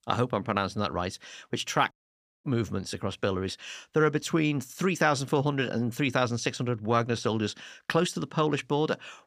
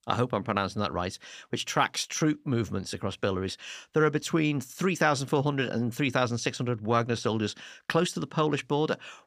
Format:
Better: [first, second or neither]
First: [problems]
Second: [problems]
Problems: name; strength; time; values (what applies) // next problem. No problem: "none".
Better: second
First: audio cutting out; at 2 s for 0.5 s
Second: none